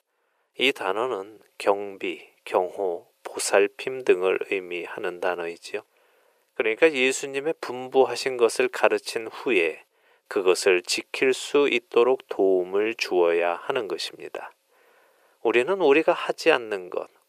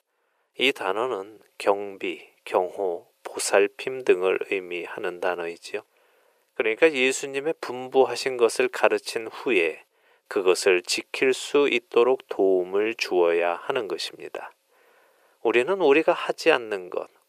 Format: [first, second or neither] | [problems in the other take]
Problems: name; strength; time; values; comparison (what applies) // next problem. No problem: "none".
neither | thin; very; fading below 400 Hz; the same in both